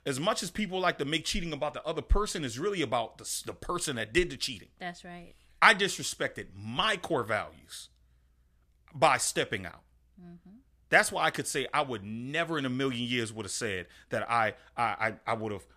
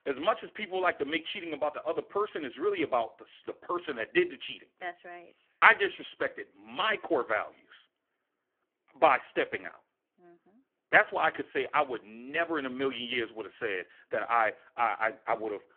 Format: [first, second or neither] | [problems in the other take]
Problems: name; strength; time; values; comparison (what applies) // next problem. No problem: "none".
first | phone-call audio; poor line